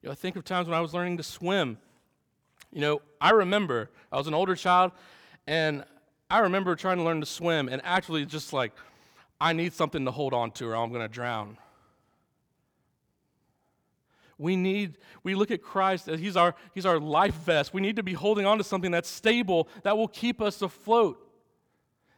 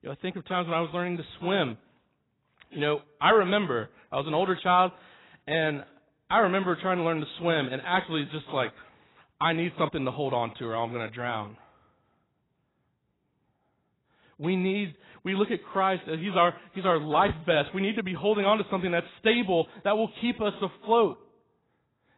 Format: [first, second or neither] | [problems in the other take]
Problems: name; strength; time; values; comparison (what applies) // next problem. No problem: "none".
first | garbled, watery; badly; nothing above 4 kHz